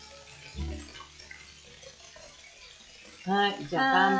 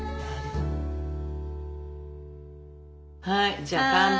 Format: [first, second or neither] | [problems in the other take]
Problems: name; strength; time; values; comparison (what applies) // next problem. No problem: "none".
second | noise reduction (classical method log-MMSE)